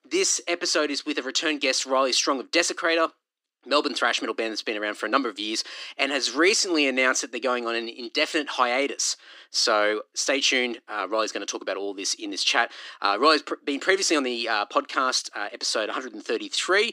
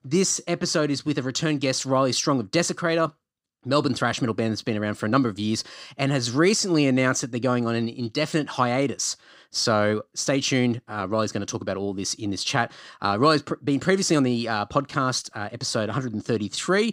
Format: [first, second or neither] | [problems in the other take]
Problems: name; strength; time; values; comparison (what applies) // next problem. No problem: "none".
second | thin; somewhat; fading below 300 Hz